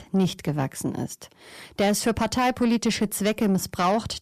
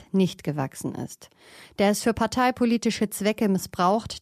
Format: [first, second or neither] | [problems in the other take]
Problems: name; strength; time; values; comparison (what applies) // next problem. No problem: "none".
second | distortion; slight; 10 dB below the speech